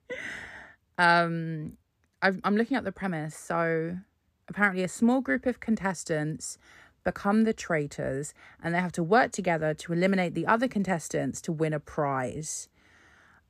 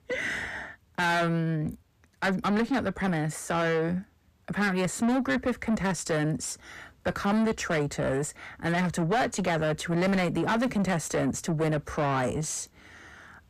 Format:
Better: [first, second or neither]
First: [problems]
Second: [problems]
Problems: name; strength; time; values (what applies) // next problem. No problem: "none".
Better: first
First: none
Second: distortion; heavy; 6 dB below the speech